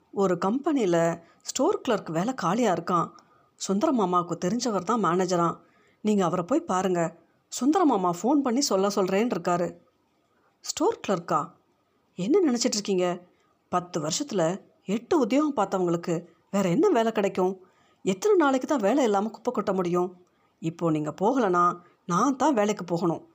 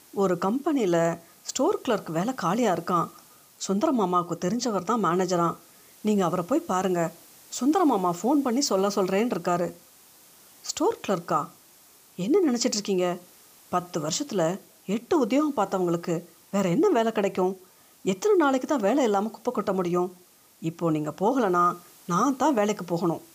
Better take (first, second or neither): first